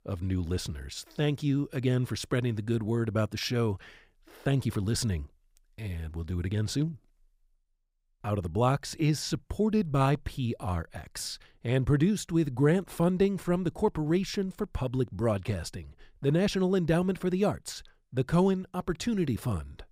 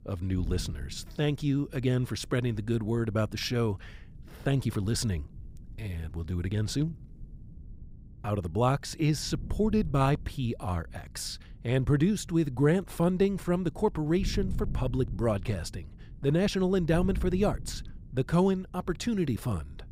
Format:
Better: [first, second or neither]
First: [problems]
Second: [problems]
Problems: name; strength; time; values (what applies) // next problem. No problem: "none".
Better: first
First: none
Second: wind noise on the microphone; occasional gusts; 25 dB below the speech